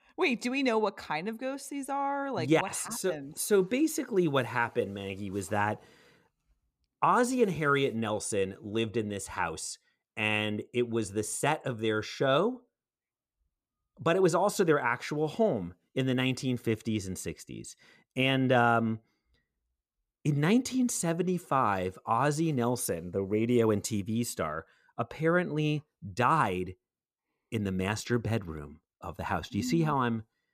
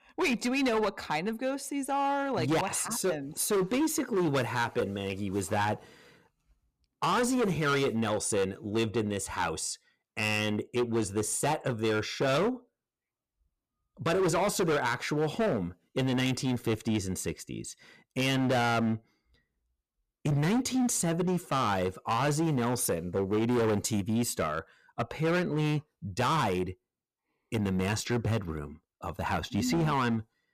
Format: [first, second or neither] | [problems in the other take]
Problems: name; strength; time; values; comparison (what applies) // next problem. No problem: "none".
first | distortion; heavy; 13% of the sound clipped